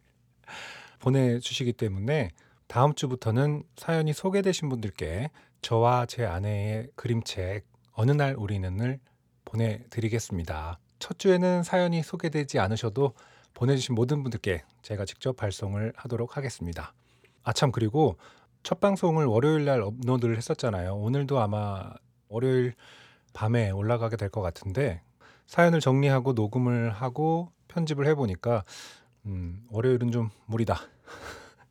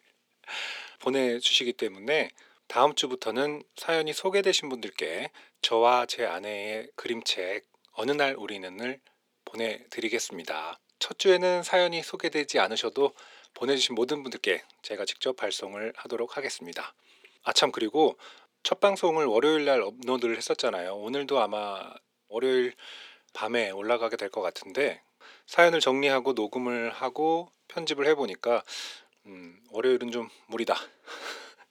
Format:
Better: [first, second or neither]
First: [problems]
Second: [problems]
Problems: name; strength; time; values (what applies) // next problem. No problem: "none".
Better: first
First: none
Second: thin; somewhat; fading below 300 Hz